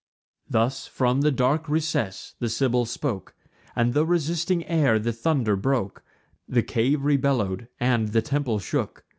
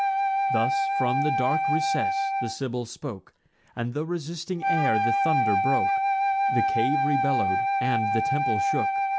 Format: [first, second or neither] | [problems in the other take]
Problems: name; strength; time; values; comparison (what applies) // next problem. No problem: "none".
first | background sound (Wind instrument, woodwind instrument); 5 dB above the speech